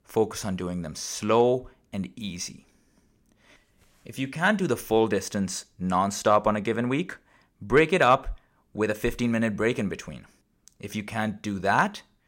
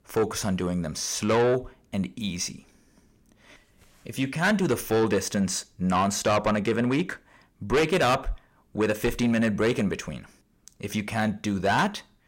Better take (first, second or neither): first